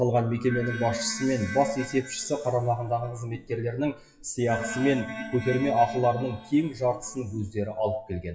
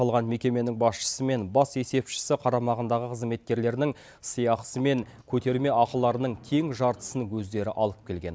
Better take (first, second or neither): second